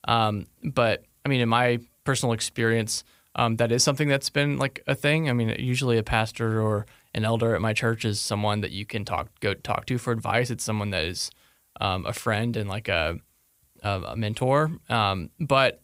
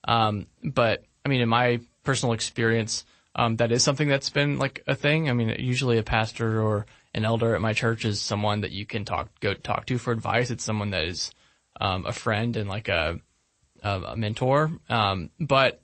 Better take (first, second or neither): first